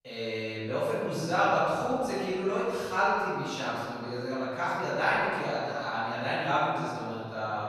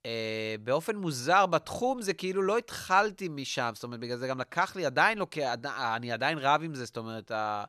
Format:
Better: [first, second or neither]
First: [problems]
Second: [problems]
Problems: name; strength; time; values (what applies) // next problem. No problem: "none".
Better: second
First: off-mic speech; far // room echo; strong; dies away in 1.9 s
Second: none